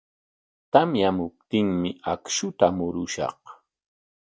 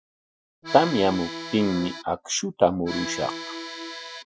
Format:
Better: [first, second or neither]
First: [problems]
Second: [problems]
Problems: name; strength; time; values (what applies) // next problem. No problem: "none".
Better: first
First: none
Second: noise reduction (classical method Wiener filter)